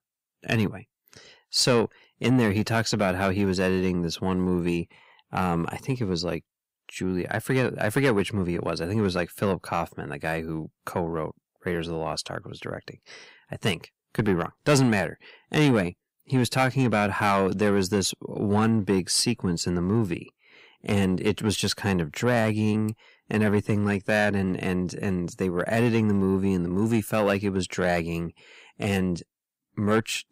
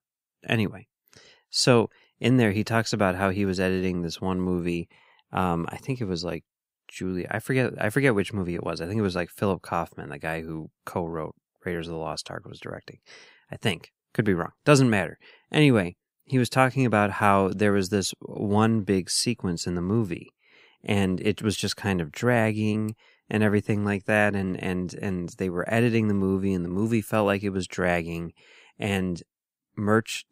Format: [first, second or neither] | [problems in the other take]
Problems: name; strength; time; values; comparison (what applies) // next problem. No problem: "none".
second | distortion; slight; 10 dB below the speech